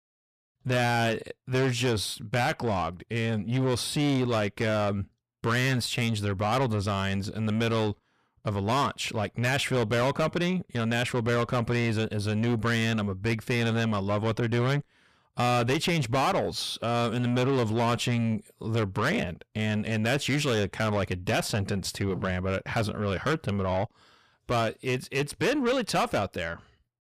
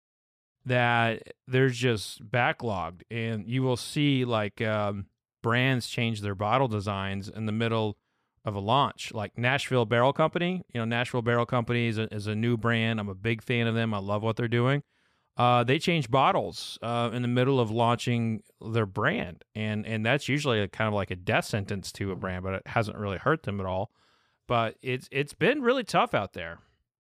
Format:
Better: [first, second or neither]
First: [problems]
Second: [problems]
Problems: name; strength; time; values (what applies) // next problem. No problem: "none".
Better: second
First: distortion; heavy; 7 dB below the speech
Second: none